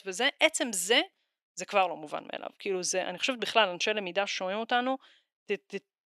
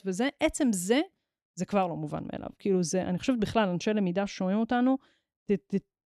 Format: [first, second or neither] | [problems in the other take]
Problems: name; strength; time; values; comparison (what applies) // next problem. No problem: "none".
second | thin; somewhat; fading below 550 Hz